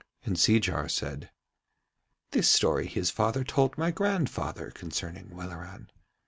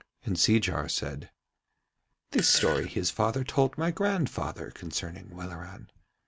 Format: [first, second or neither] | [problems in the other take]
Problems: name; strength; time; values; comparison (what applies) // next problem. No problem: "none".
first | background sound (Fart); 7 dB below the speech